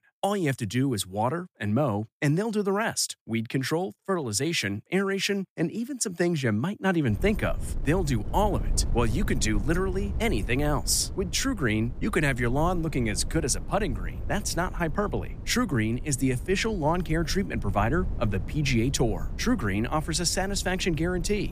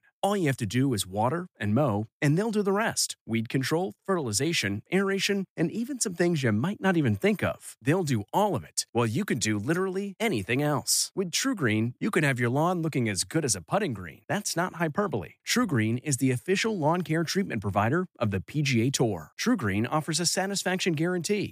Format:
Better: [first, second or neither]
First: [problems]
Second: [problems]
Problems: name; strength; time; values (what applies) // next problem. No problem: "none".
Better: second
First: wind noise on the microphone; occasional gusts; from 7 s on; 20 dB below the speech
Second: none